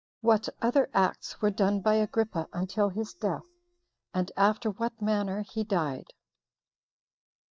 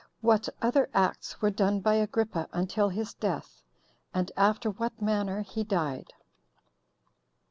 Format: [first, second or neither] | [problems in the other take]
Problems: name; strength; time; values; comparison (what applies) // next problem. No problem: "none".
second | noise reduction (neural mask model DeepFilterNet 3)